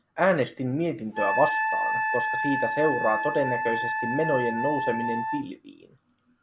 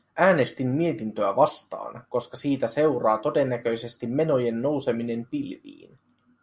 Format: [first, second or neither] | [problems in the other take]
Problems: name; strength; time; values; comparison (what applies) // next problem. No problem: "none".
second | background sound (Wind instrument, woodwind instrument); 2 dB below the speech